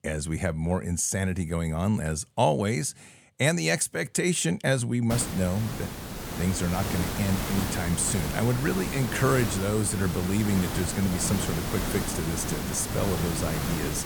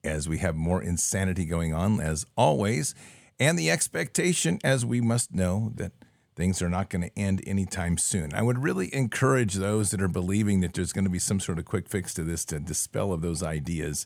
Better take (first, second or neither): second